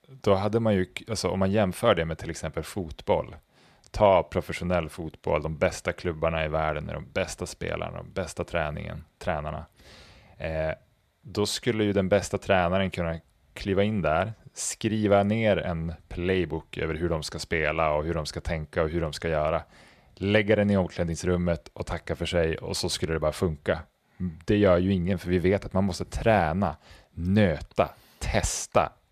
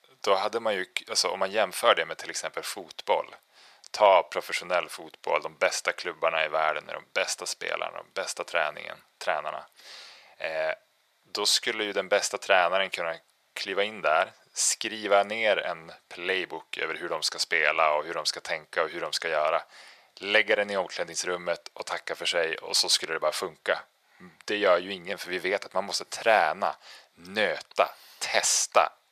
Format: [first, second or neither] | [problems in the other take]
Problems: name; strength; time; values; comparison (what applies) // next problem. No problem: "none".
first | thin; very; fading below 750 Hz